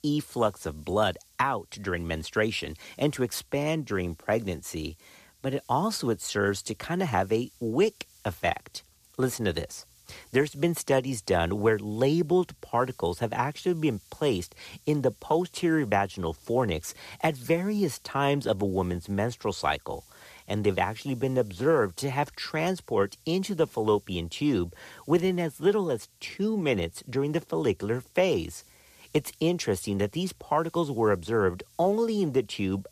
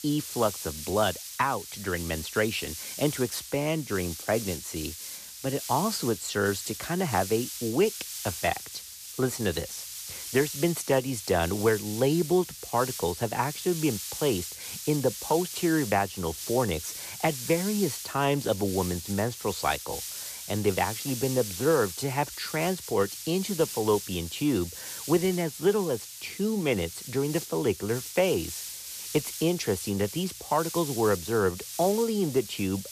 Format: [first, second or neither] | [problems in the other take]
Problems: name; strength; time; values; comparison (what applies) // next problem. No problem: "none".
first | hiss; loud; throughout; 8 dB below the speech; faint in the first